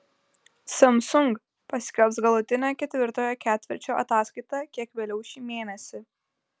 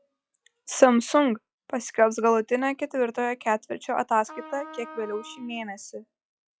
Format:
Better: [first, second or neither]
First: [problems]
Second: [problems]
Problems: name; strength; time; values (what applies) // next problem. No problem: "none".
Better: first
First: none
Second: noise reduction (classical method log-MMSE)